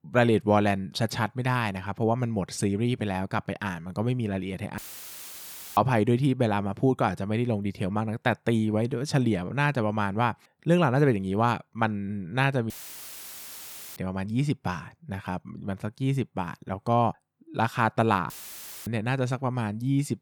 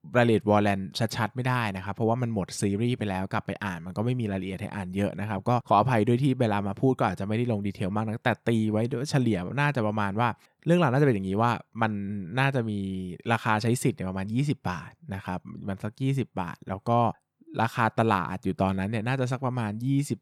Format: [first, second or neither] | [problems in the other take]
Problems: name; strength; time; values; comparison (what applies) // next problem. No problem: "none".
second | audio cutting out; filled with static; at 5 s for 1 s, at 13 s for 1.5 s and at 18 s for 0.5 s